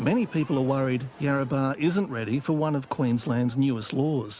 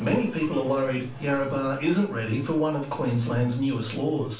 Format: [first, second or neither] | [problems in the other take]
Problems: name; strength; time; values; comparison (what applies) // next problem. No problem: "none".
first | room echo; dies away in 0.3 s